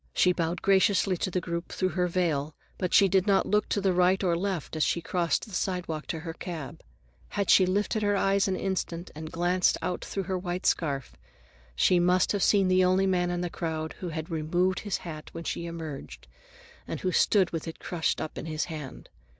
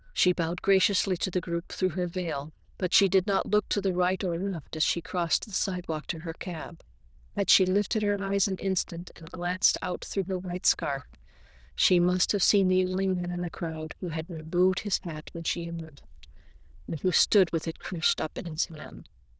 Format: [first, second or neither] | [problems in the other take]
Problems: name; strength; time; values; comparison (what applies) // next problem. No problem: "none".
first | noise reduction (neural diffusion model UNIVERSE++)